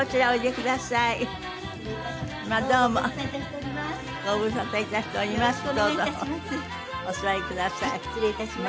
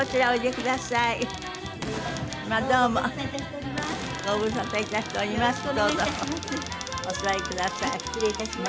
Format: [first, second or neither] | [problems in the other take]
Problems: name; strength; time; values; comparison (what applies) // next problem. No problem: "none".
first | background sound (Cupboard open or close + Boom); 12 dB below the speech